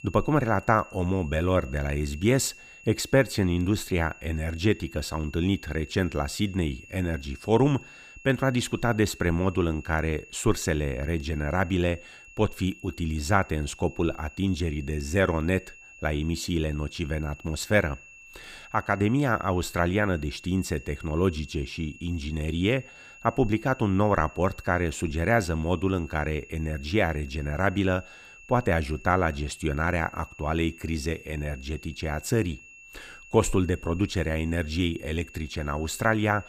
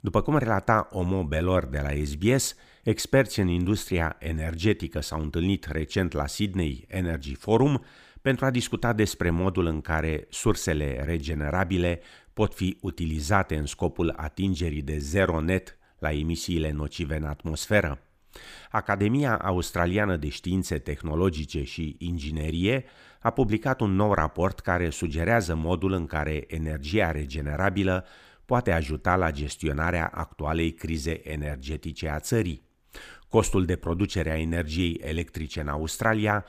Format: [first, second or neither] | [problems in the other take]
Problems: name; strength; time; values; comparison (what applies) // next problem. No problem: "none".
second | high-pitched whine; noticeable; throughout; 2.5 kHz, 20 dB below the speech